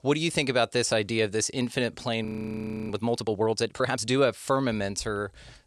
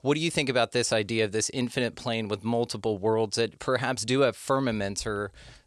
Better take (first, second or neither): second